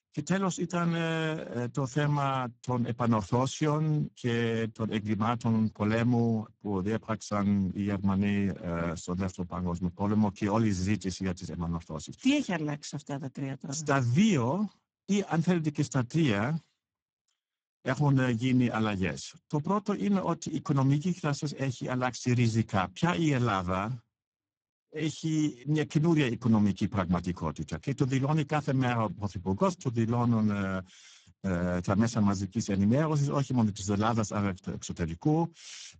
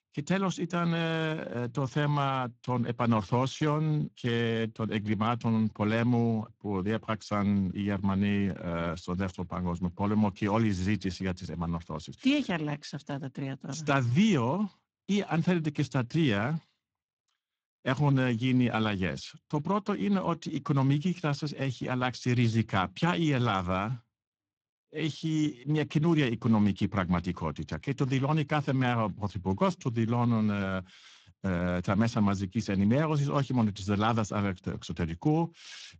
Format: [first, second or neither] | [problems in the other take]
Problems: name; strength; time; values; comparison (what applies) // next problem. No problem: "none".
second | garbled, watery; badly; nothing above 7.5 kHz; slightly in the second